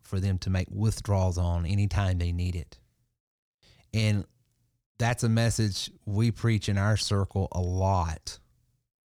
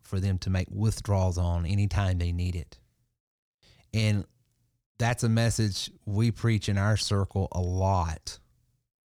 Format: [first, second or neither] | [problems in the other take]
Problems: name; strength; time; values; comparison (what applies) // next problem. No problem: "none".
neither | none